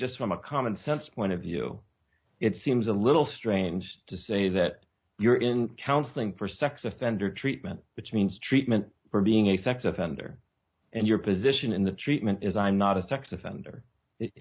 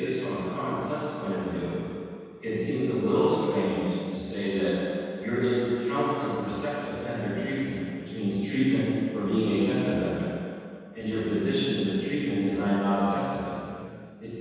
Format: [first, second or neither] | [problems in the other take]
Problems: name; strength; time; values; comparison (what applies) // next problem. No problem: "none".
first | room echo; dies away in 2.1 s